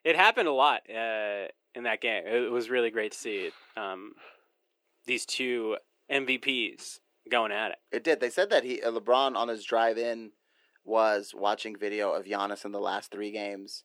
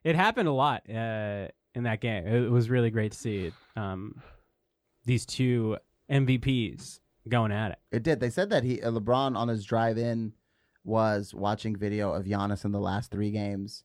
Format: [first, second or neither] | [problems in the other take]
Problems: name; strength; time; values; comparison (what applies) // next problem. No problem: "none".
second | thin; very; fading below 350 Hz